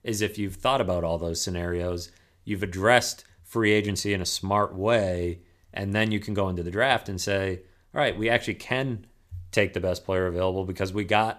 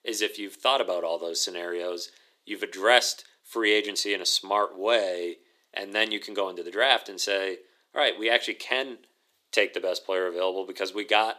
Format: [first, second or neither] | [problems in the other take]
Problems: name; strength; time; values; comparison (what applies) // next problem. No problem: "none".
first | thin; very; fading below 300 Hz